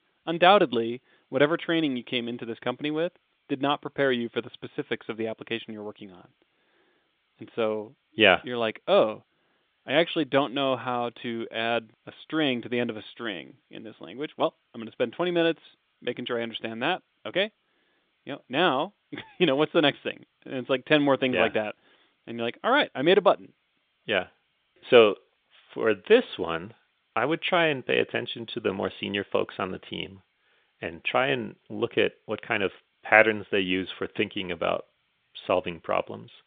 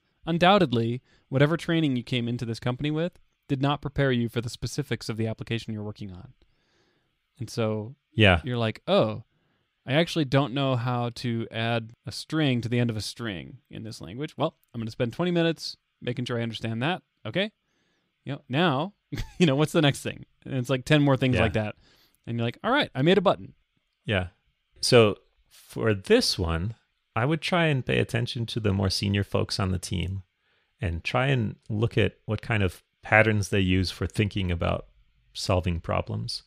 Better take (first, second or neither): second